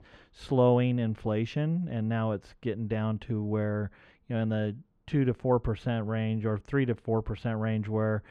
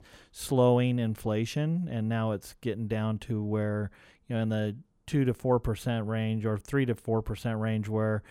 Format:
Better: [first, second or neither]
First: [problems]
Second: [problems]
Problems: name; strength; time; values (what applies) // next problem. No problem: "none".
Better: second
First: muffled; slightly; fading above 3 kHz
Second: none